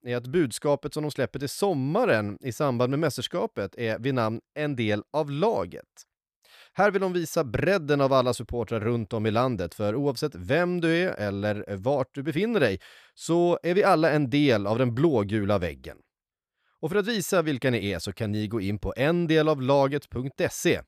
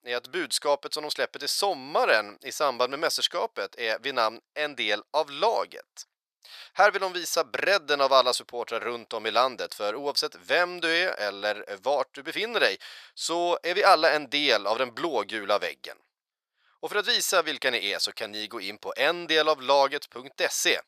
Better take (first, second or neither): first